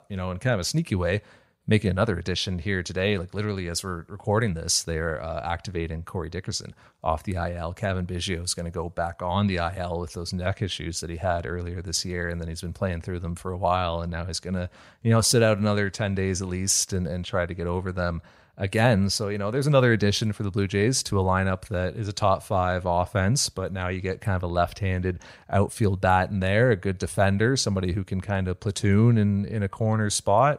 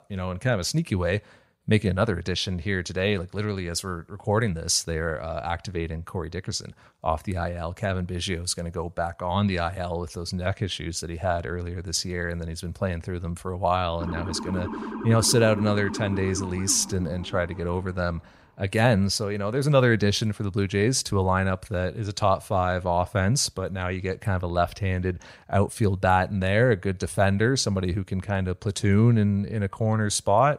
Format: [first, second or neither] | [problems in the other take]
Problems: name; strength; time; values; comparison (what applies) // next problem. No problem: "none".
first | siren; noticeable; from 14 to 18 s; peak 8 dB below the speech